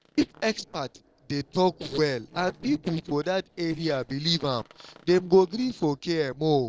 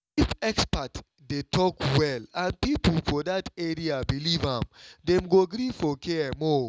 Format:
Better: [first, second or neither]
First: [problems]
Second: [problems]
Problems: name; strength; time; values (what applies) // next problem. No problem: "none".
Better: second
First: noise reduction (neural separator model SepFormer DNS4)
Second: none